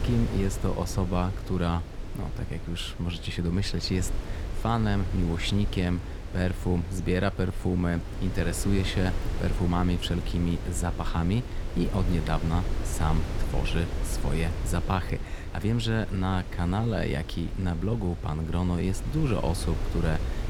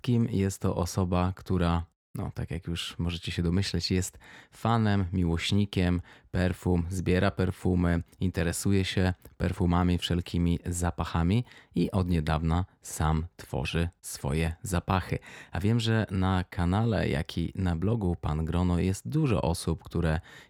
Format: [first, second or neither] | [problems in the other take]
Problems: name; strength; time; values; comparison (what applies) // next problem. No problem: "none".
second | wind noise on the microphone; heavy; 9 dB below the speech